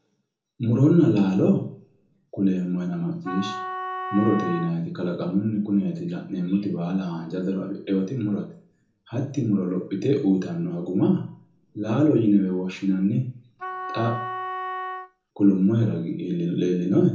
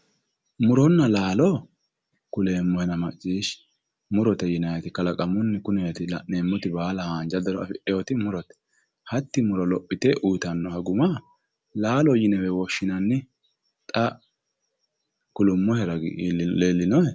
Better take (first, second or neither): second